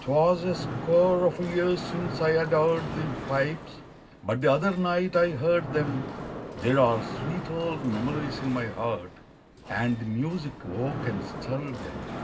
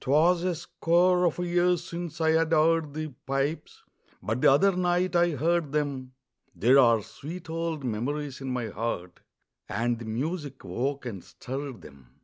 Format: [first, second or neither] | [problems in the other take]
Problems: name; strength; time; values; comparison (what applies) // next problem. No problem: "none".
second | background sound (Mechanisms); 9 dB below the speech // room echo; dies away in 0.4 s